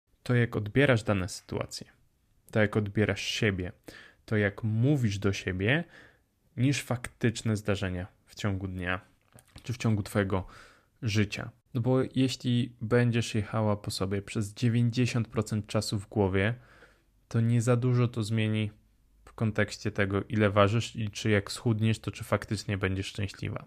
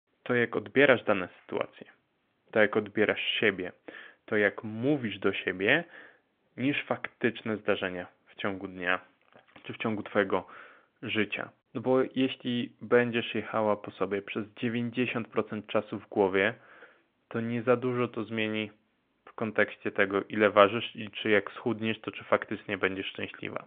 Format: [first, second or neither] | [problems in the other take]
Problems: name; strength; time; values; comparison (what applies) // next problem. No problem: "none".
first | phone-call audio; nothing above 3.5 kHz